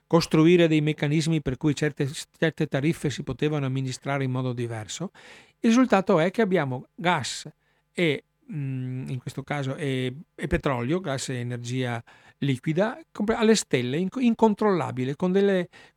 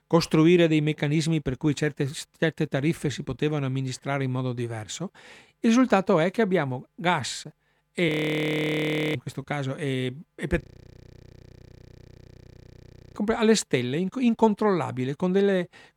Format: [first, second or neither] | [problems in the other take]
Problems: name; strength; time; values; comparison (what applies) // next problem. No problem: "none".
first | audio freezing; at 8 s for 1 s and at 11 s for 2.5 s